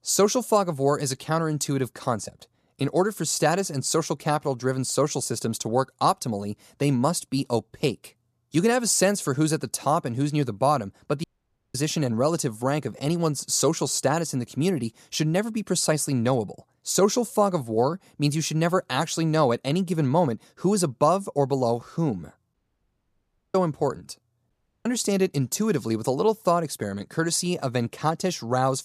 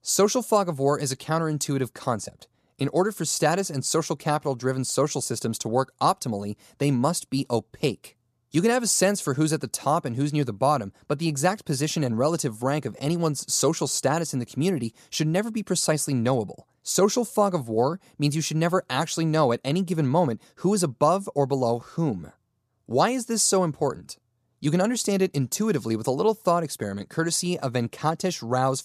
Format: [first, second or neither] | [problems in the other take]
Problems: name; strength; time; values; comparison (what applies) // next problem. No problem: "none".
second | audio cutting out; at 11 s for 0.5 s, at 23 s for 1 s and at 25 s